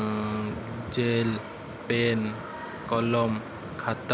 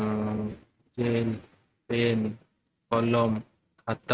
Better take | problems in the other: first | noise reduction (neural mask model RNNoise)

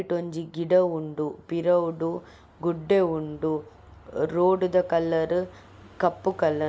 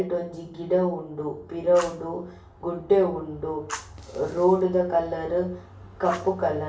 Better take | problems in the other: first | background sound (Fire); 18 dB below the speech // room echo; dies away in 0.4 s

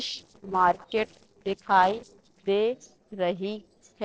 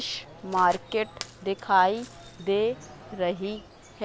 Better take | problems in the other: second | noise reduction (neural separator model SepFormer DNS4)

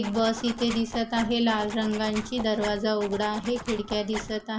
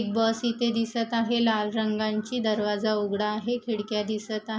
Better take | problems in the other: second | background sound (Zipper (clothing)); 12 dB below the speech

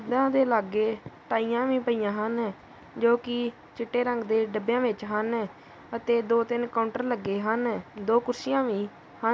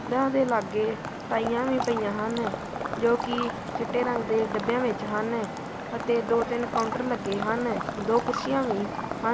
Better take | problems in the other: first | background sound (Water / Liquid + Traffic noise, roadway noise); 5 dB below the speech

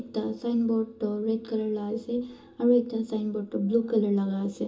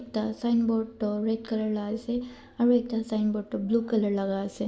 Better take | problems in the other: second | room echo; dies away in 0.2 s

